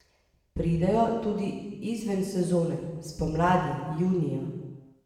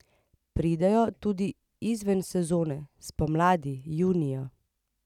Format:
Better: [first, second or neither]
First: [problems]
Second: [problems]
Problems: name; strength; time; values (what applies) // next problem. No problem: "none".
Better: second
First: room echo; dies away in 1.2 s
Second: none